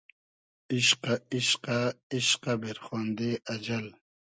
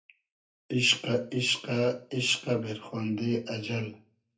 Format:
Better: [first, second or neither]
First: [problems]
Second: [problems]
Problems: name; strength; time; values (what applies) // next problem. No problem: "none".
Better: first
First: none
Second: room echo; dies away in 0.3 s